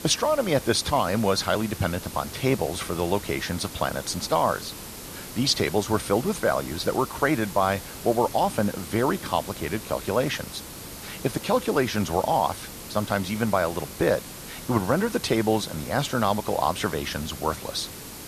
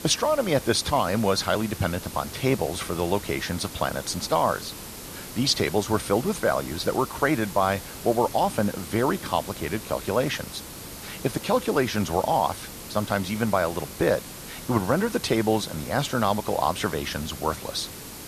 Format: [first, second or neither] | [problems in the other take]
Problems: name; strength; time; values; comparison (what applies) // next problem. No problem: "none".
neither | hiss; noticeable; throughout; 10 dB below the speech; the same in both